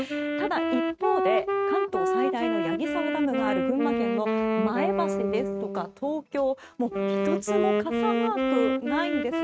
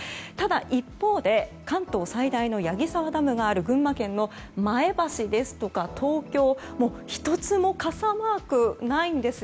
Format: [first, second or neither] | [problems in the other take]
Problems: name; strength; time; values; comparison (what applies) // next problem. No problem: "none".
second | noise reduction (neural mask model RNNoise)